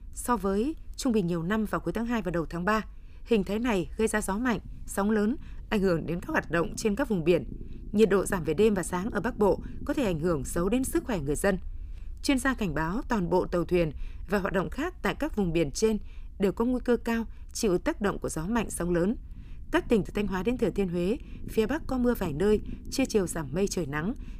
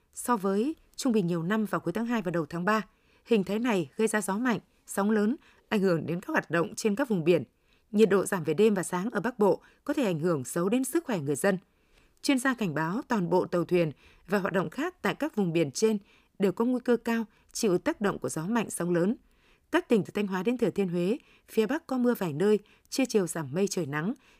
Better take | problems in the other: second | low rumble; faint; throughout; 25 dB below the speech

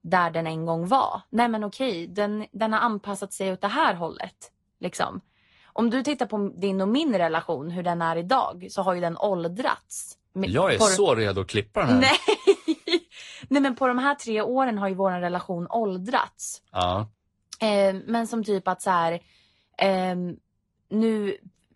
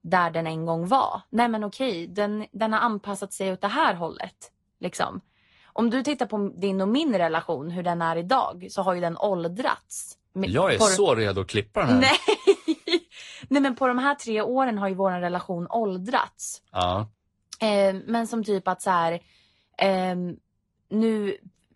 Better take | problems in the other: neither | garbled, watery; slightly; nothing above 11.5 kHz; the same in both

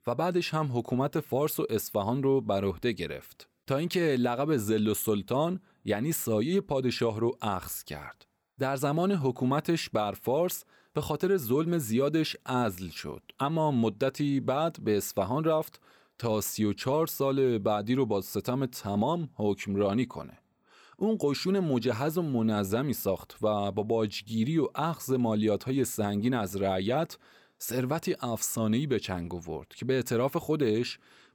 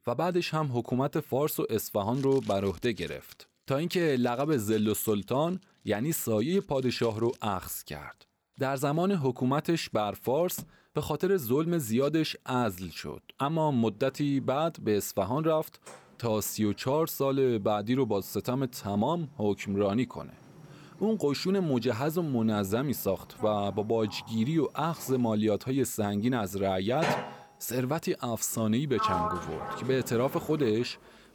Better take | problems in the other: first | household noises; noticeable; throughout; 10 dB below the speech

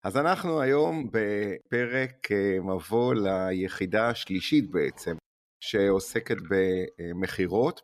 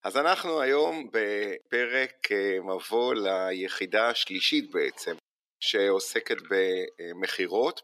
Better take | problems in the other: first | thin; somewhat; fading below 350 Hz

